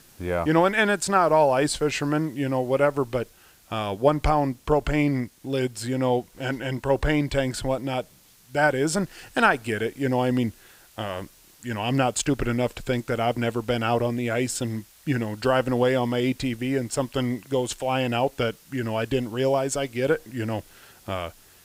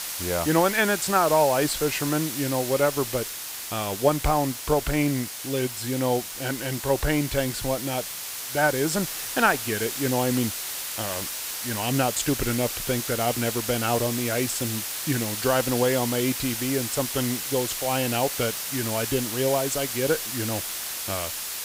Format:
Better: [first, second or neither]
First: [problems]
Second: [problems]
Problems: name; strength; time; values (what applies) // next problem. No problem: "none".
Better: first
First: hiss; faint; throughout; 25 dB below the speech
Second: hiss; loud; throughout; 4 dB below the speech